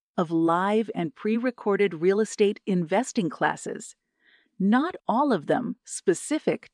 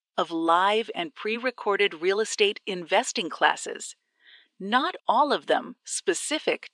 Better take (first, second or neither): first